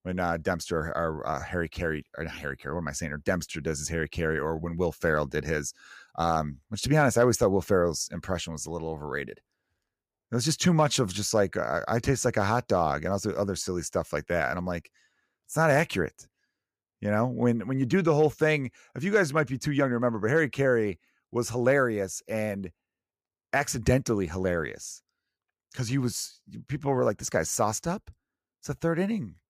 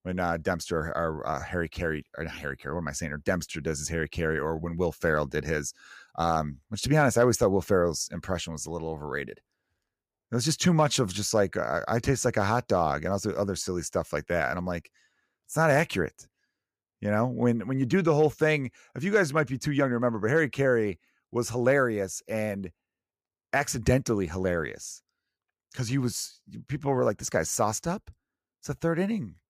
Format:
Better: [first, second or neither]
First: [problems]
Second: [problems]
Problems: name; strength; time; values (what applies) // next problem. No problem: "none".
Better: neither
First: none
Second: none